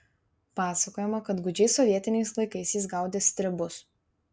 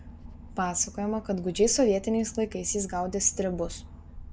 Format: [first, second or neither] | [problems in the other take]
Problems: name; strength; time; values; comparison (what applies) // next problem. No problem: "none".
first | background sound (Engine / Boat, Water vehicle); 14 dB below the speech